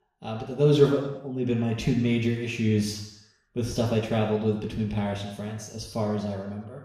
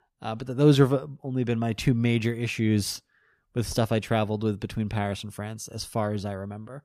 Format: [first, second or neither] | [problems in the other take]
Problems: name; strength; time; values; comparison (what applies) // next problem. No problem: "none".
second | room echo; noticeable; dies away in 0.8 s // off-mic speech; far